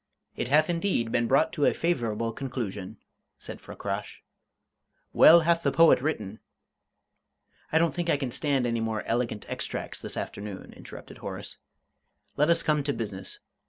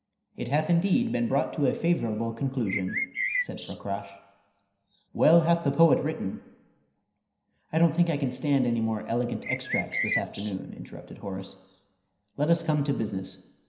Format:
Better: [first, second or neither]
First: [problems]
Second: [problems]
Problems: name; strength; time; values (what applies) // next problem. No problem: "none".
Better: first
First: none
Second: background sound (Bird); 7 dB below the speech // room echo; dies away in 0.9 s